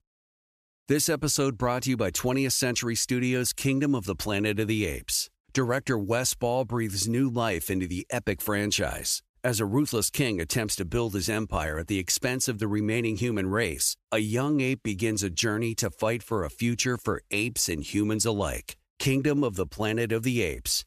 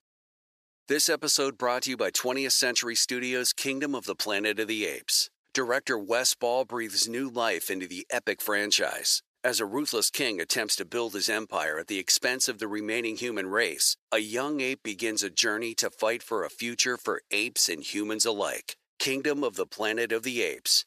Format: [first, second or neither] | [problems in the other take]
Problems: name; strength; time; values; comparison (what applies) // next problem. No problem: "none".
first | thin; somewhat; fading below 450 Hz